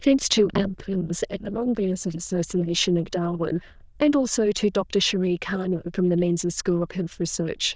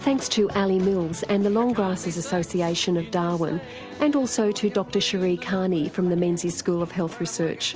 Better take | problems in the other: second | noise reduction (neural diffusion model UNIVERSE++)

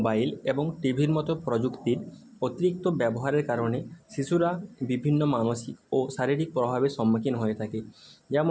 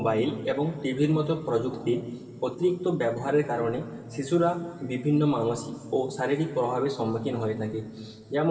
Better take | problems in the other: first | room echo; dies away in 2.9 s

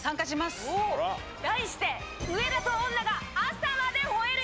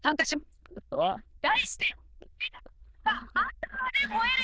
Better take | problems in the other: first | noise reduction (neural diffusion model UNIVERSE++)

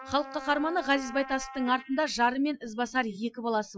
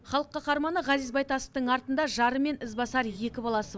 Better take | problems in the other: second | noise reduction (classical method Wiener filter)

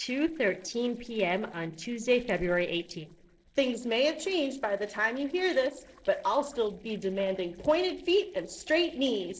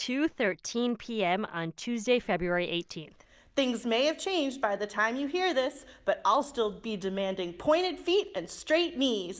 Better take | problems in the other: second | noise reduction (neural separator model SepFormer DNS4)

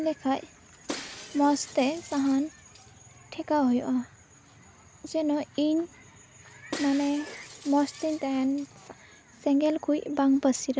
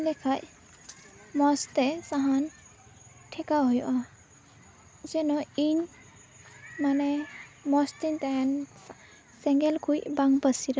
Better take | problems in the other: second | background sound (Shatter); 15 dB below the speech

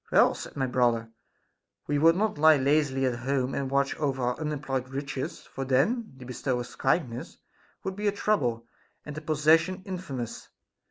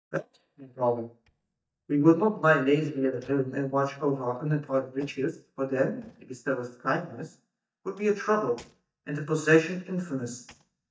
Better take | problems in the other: first | noise reduction (neural mask model DeepFilterNet 3)

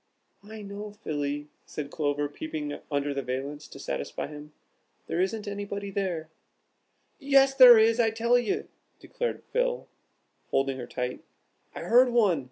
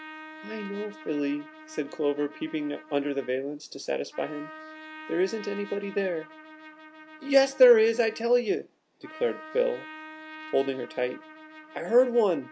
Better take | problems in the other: first | background sound (Trumpet); 18 dB below the speech

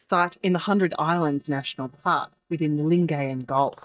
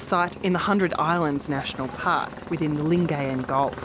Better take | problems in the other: second | noise reduction (neural mask model DeepFilterNet 3)

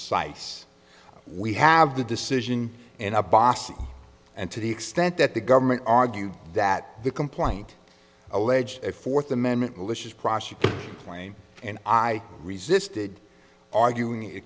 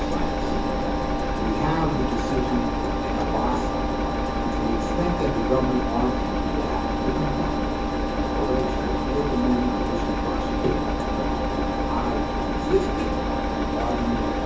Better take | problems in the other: first | background sound (Engine); 5 dB above the speech // room echo; dies away in 0.6 s

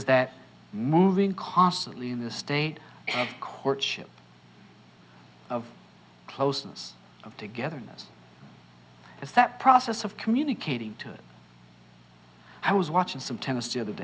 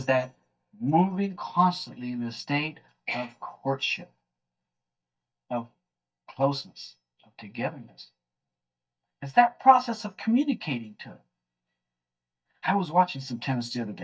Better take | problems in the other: first | noise reduction (neural mask model DeepFilterNet 3)

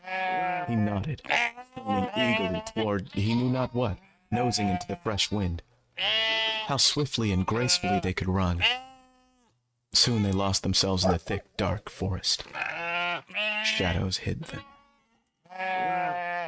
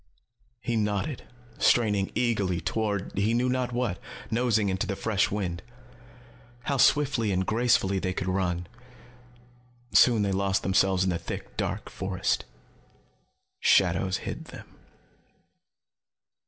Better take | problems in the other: second | noise reduction (neural mask model RNNoise)

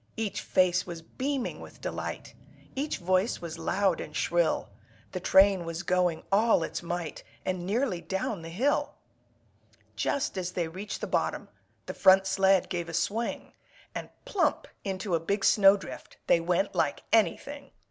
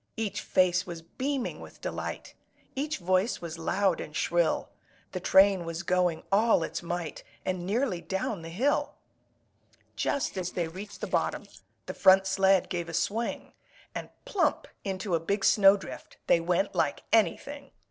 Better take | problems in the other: first | noise reduction (neural separator model SepFormer DNS4)

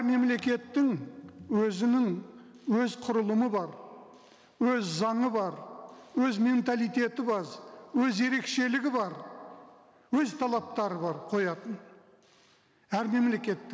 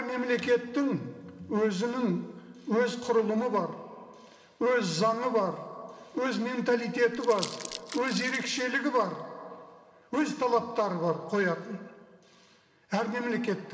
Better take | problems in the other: first | background sound (Crumpling, crinkling); 12 dB below the speech // room echo; dies away in 1 s

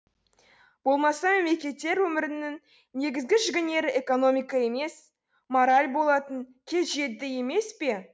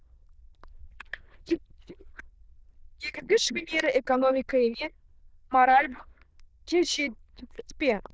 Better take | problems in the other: first | noise reduction (neural diffusion model UNIVERSE++)

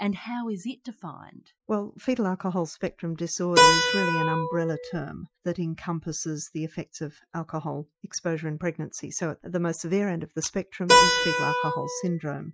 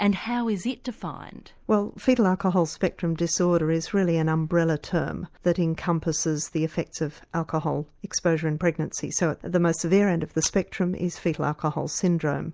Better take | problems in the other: second | noise reduction (classical method Wiener filter)

